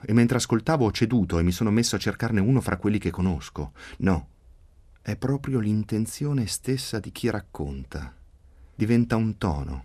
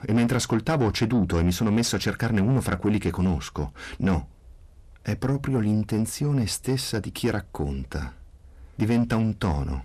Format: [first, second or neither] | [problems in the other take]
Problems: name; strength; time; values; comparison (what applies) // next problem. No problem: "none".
first | distortion; slight; 10 dB below the speech